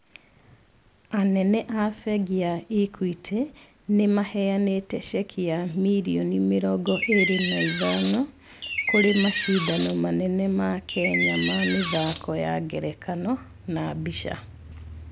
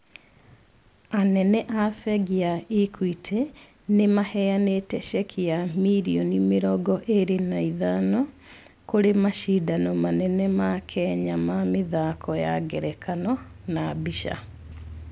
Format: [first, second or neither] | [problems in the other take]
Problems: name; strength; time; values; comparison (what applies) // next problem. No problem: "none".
second | background sound (Door); 3 dB below the speech